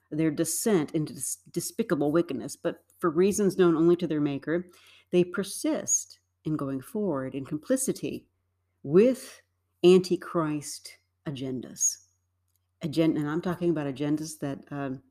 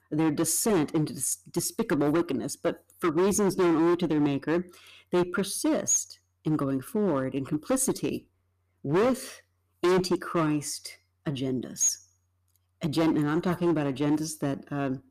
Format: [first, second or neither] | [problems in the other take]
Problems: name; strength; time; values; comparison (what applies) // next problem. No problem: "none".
first | distortion; heavy; 10% of the sound clipped